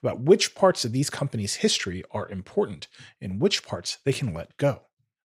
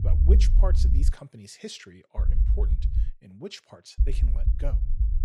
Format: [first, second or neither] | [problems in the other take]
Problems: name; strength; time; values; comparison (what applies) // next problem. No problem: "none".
first | low rumble; loud; until 1 s, at 2 s and from 4 s on; 5 dB below the speech